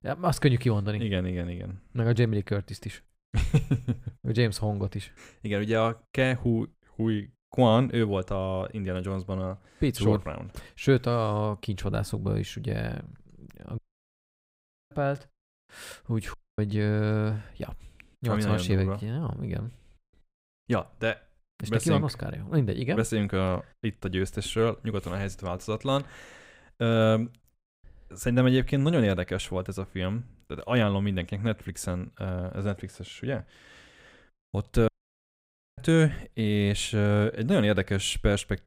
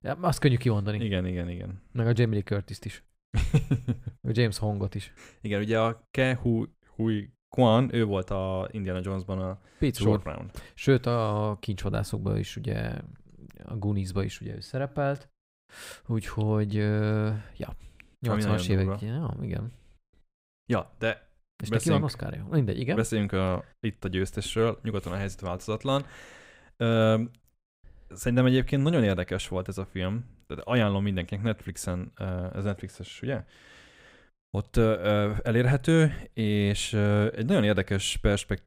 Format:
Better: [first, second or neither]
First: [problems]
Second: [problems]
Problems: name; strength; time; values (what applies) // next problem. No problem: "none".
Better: second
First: audio cutting out; at 14 s for 1 s, at 16 s and at 35 s for 1 s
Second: none